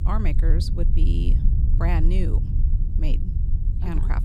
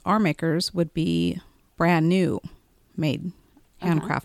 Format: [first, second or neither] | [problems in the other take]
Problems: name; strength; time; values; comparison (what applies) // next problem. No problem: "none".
second | low rumble; loud; throughout; 6 dB below the speech